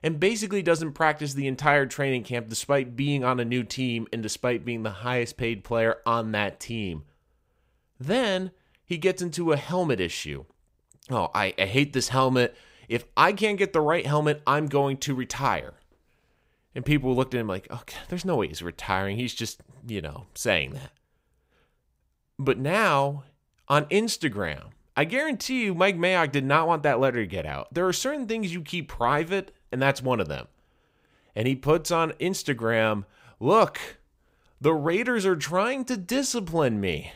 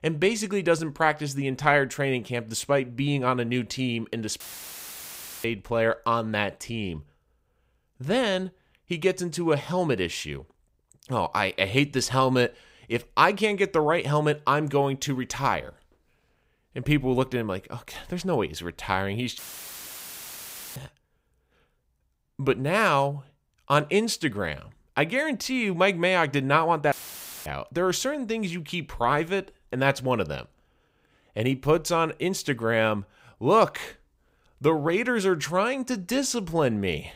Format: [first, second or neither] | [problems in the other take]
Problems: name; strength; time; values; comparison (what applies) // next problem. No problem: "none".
first | audio cutting out; filled with static; at 4.5 s for 1 s, at 19 s for 1.5 s and at 27 s for 0.5 s